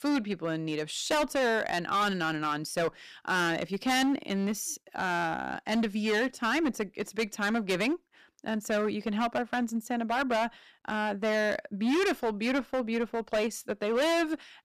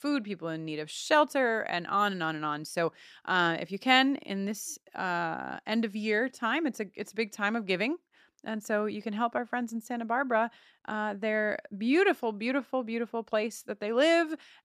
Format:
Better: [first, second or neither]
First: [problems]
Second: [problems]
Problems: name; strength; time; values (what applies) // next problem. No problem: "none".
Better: second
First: distortion; heavy; 13% of the sound clipped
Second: none